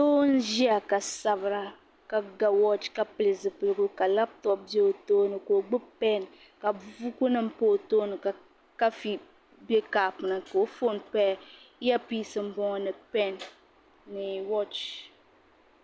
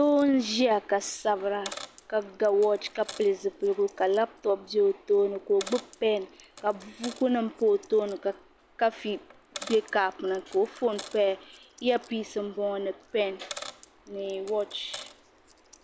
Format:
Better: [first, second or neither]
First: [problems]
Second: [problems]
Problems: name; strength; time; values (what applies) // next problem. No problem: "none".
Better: first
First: none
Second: background sound (Coin (dropping)); 20 dB below the speech